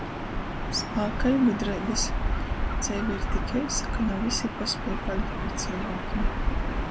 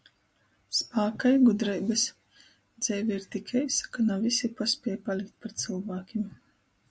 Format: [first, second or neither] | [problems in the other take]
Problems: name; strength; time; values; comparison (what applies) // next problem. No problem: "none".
second | background sound (Gull, seagull / Ocean); 1 dB above the speech